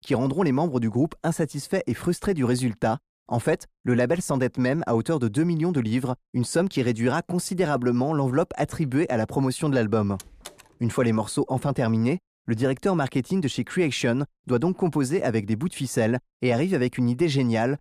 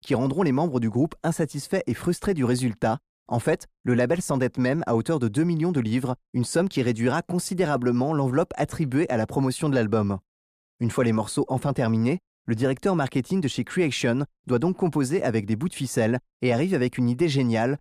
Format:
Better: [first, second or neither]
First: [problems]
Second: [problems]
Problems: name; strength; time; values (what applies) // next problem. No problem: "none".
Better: second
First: door banging; faint; at 10 s; peak 20 dB below the speech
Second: none